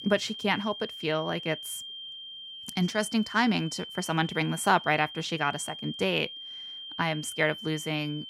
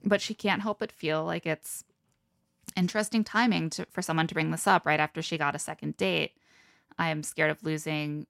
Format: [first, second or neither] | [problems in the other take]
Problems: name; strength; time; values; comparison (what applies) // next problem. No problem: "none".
second | high-pitched whine; noticeable; throughout; 3 kHz, 10 dB below the speech